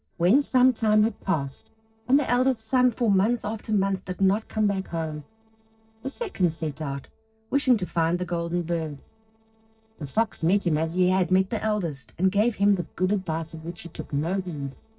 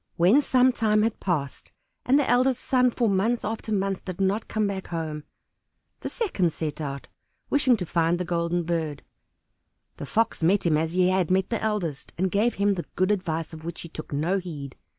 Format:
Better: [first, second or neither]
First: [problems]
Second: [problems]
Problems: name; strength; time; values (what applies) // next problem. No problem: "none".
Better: second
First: noise reduction (neural separator model SepFormer DNS4)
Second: none